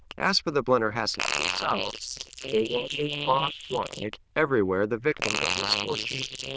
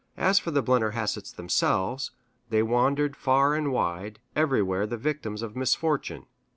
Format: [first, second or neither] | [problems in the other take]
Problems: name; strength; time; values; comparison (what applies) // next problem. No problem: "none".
second | noise reduction (neural diffusion model UNIVERSE++)